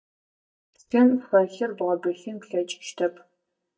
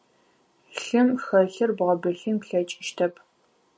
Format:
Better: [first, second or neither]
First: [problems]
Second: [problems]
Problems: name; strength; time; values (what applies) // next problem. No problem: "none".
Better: second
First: noise reduction (neural mask model DeepFilterNet 3)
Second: none